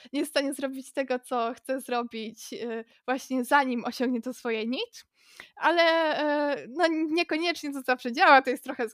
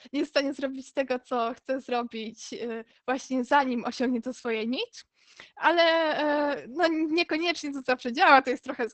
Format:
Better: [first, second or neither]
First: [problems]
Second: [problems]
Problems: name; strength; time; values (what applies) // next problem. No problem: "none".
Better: first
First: none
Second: garbled, watery; badly; nothing above 8 kHz